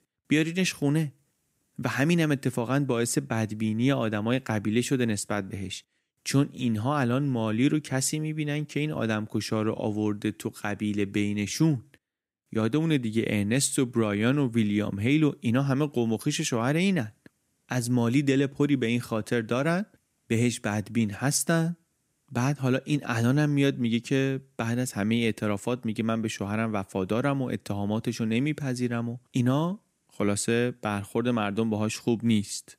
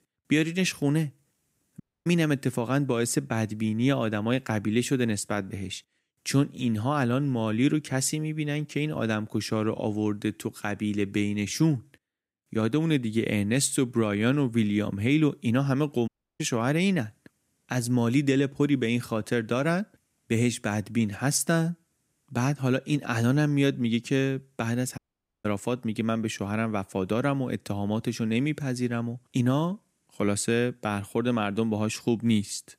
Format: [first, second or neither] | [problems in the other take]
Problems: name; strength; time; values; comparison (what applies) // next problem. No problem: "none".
first | audio cutting out; at 2 s, at 16 s and at 25 s